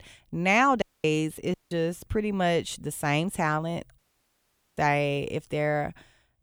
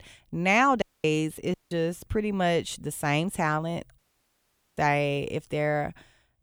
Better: neither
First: audio cutting out; at 1 s, at 1.5 s and at 4 s for 1 s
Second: audio cutting out; at 1 s, at 1.5 s and at 4 s for 1 s

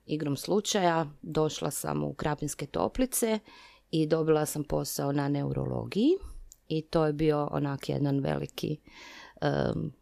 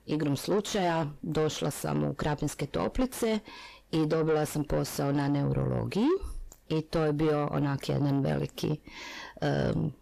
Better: first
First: none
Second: distortion; heavy; 7 dB below the speech

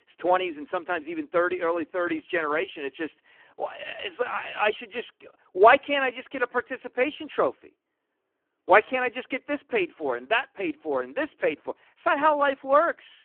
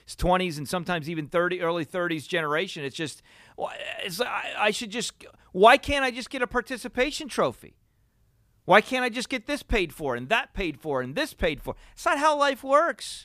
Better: second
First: phone-call audio; poor line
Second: none

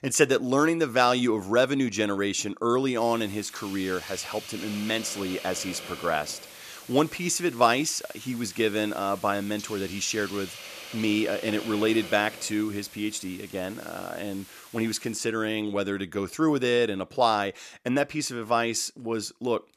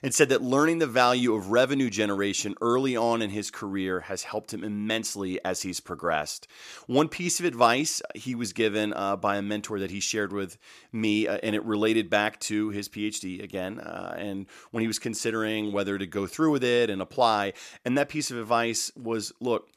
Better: second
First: hiss; noticeable; from 3 to 15 s; 15 dB below the speech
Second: none

